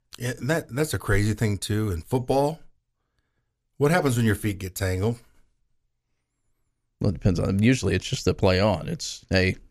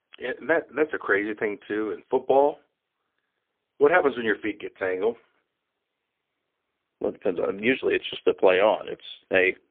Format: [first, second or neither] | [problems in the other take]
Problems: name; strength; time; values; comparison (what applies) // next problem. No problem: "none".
first | phone-call audio; poor line; nothing above 3.5 kHz